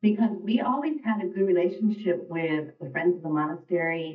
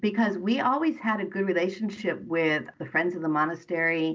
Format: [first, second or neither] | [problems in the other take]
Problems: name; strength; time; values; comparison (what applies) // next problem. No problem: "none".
second | noise reduction (neural mask model DeepFilterNet 3)